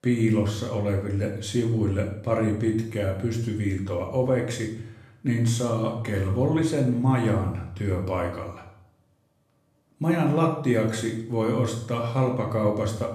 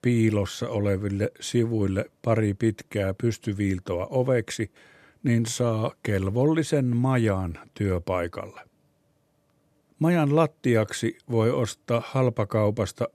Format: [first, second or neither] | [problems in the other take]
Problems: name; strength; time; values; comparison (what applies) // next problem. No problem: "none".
second | room echo; noticeable; dies away in 0.6 s // off-mic speech; somewhat distant